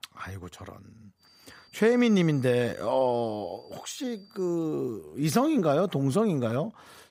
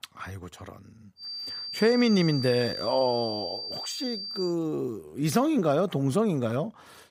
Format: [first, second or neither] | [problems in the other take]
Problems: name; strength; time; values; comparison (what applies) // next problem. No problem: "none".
first | high-pitched whine; loud; from 1 to 4.5 s; 4.5 kHz, 7 dB below the speech; faint in the first